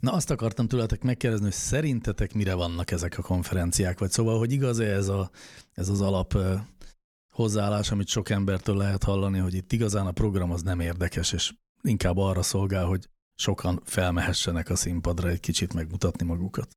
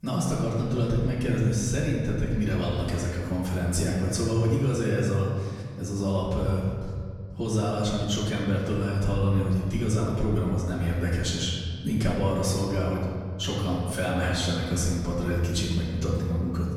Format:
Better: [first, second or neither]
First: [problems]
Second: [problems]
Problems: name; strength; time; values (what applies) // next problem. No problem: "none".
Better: first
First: none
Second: off-mic speech; far // room echo; noticeable; dies away in 2.1 s